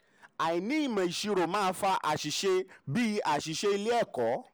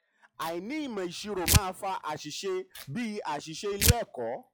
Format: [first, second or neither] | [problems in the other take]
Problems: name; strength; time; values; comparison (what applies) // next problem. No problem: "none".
first | noise reduction (classical method log-MMSE)